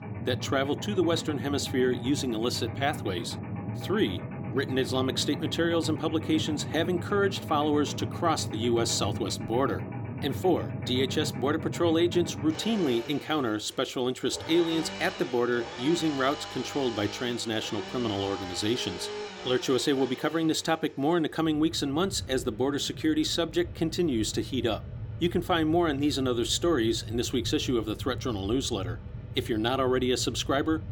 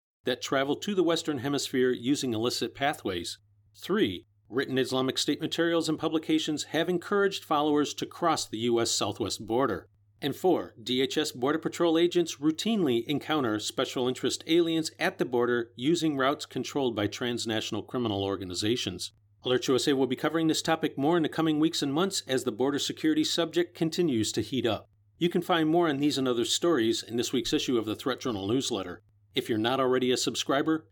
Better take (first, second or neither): second